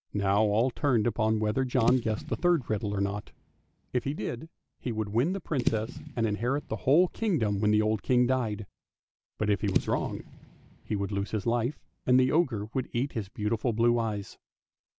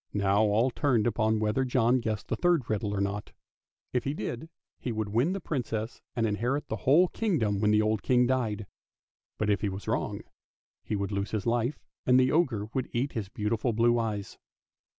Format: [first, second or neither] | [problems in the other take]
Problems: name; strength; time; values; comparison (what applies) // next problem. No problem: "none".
second | background sound (Fireworks / Boom); 12 dB below the speech